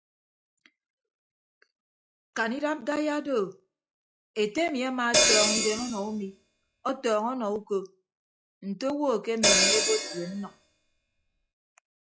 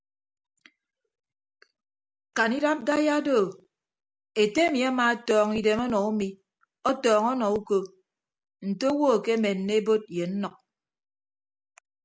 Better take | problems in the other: second | noise reduction (classical method log-MMSE)

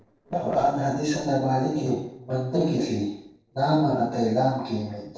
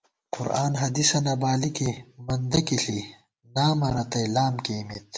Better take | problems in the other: second | noise reduction (neural separator model SepFormer DNS4)

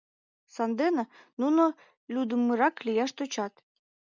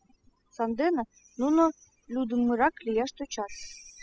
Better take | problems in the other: first | noise reduction (classical method spectral subtraction)

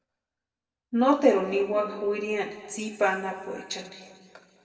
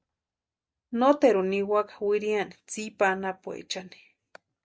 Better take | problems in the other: second | room echo; dies away in 1.9 s

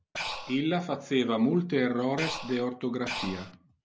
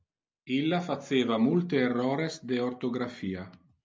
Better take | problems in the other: second | background sound (Breathing); 7 dB below the speech

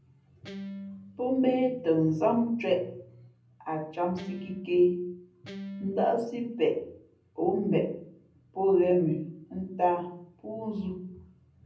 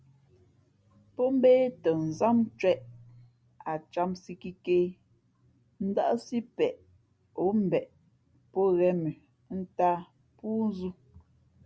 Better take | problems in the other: second | background sound (Guitar); 13 dB below the speech // room echo; dies away in 0.6 s

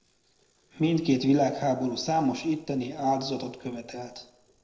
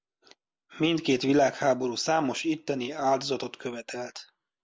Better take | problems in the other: second | noise reduction (neural separator model SepFormer DNS4)

